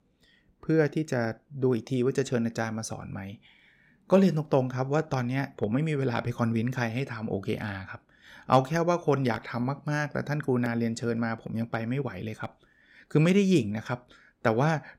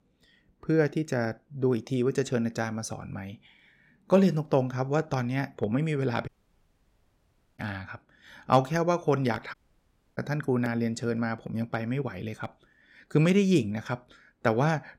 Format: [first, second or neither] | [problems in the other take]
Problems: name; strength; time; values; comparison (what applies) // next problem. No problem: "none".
first | audio cutting out; at 6.5 s for 1.5 s and at 9.5 s for 0.5 s